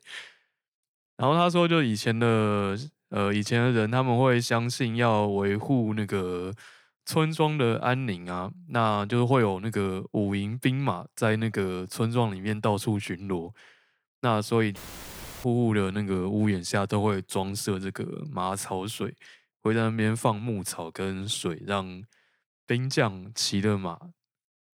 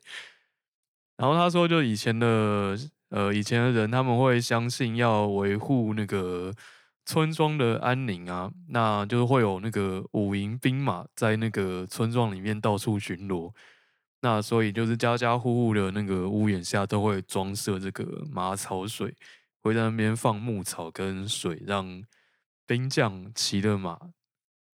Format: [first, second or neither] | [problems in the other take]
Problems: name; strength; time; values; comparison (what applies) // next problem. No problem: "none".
second | audio cutting out; filled with static; at 15 s for 0.5 s